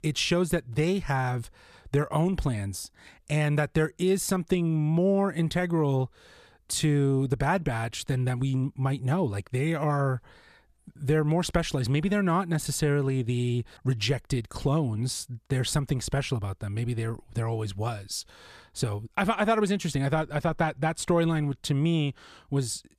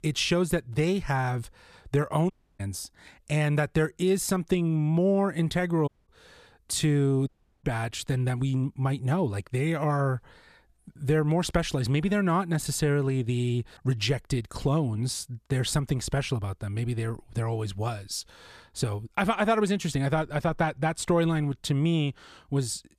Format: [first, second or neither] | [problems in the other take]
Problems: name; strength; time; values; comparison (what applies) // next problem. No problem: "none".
first | audio cutting out; at 2.5 s, at 6 s and at 7.5 s